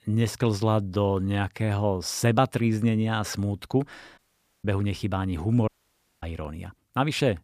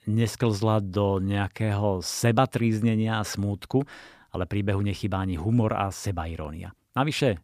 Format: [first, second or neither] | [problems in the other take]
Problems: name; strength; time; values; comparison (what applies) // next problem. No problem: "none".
second | audio cutting out; at 4 s and at 5.5 s for 0.5 s